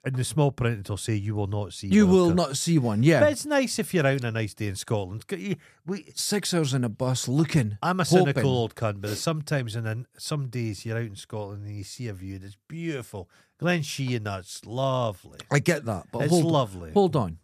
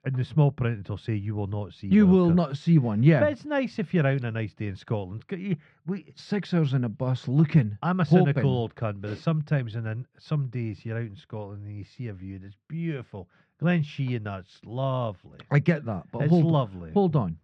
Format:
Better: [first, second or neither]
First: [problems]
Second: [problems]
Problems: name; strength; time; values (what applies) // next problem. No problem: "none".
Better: first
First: none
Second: muffled; slightly; fading above 3 kHz